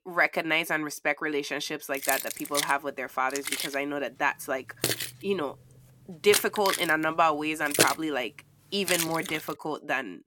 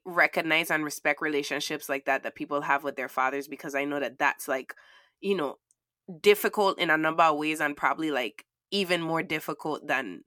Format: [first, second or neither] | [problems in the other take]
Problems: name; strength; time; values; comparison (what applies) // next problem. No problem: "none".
second | jangling keys; loud; from 2 to 9.5 s; peak 4 dB above the speech